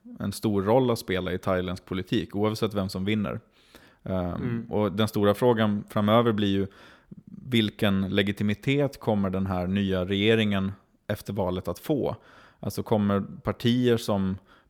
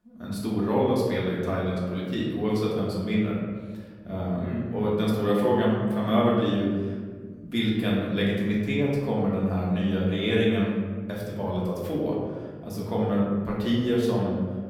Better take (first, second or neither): first